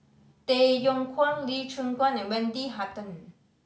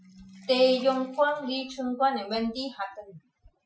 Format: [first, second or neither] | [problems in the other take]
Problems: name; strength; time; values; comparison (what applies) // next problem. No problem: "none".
first | noise reduction (classical method Wiener filter)